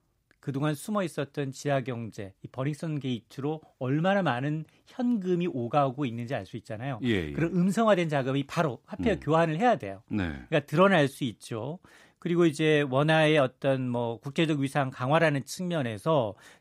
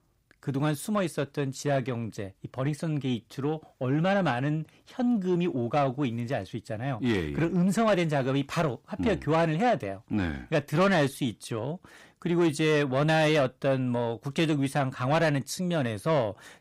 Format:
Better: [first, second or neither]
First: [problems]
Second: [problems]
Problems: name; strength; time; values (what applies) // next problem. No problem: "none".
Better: first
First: none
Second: distortion; slight; 10 dB below the speech